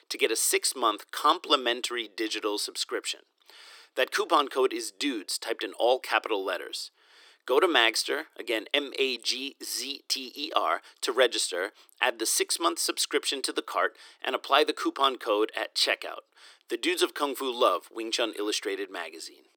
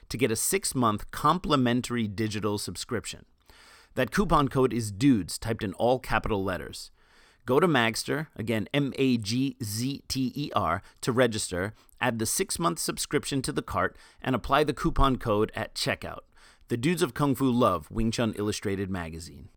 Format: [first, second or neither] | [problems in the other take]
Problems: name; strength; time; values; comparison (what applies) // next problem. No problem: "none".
second | thin; very; fading below 300 Hz